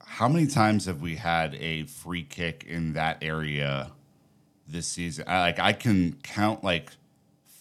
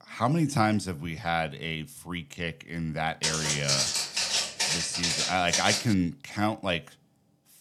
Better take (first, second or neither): first